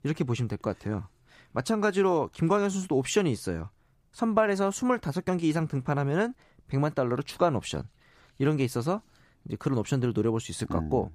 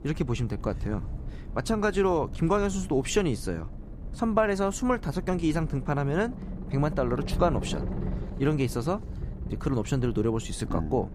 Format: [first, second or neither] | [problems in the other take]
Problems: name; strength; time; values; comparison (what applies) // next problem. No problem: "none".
first | low rumble; noticeable; throughout; 15 dB below the speech